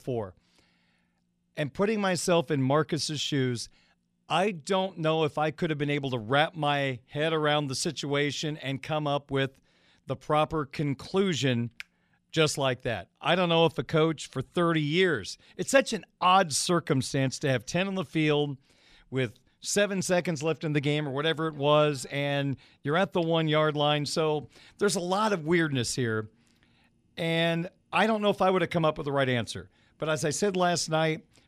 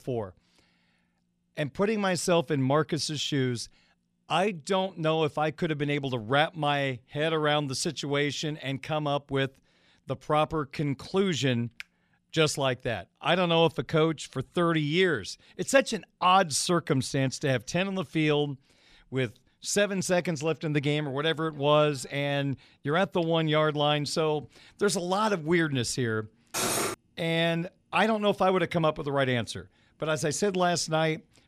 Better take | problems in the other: first | clattering dishes; loud; at 27 s; peak 1 dB above the speech

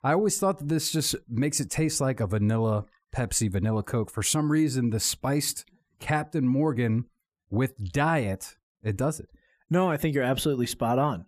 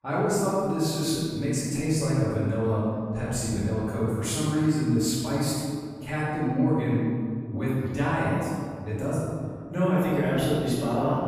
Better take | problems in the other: first | off-mic speech; far // room echo; strong; dies away in 2 s

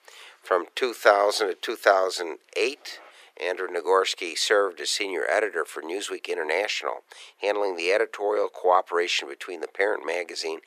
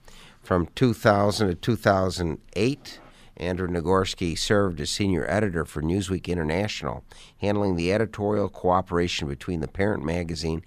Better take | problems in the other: second | thin; very; fading below 400 Hz

